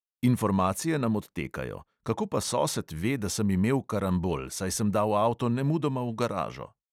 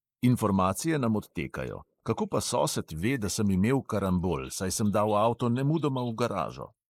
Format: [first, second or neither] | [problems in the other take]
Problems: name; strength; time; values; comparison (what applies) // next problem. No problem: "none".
first | noise reduction (neural mask model Resemble Enhance denoiser)